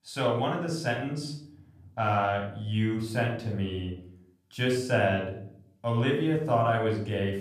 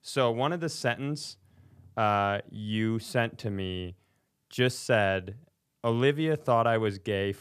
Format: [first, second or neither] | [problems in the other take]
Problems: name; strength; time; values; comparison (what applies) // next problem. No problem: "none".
second | off-mic speech; far // room echo; noticeable; dies away in 0.5 s